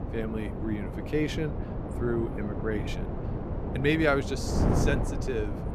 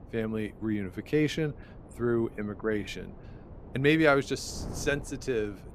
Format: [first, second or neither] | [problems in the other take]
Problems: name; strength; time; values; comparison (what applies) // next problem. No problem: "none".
second | wind noise on the microphone; heavy; 6 dB below the speech; occasional gusts in the second